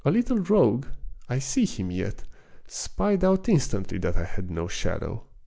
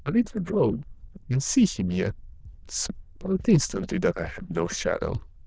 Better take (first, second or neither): first